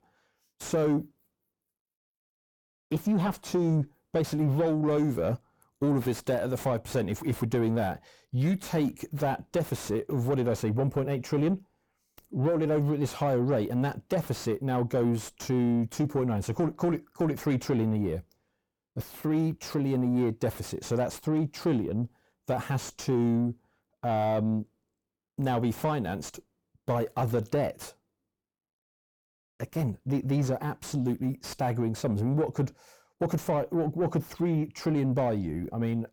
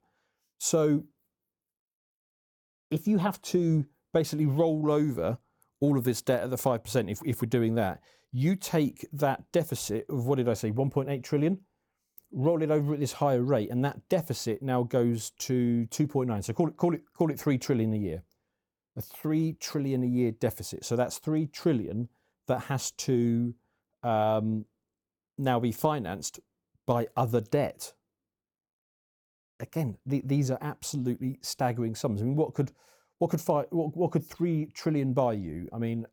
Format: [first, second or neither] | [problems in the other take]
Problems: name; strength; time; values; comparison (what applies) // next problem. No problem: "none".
second | distortion; slight; 10 dB below the speech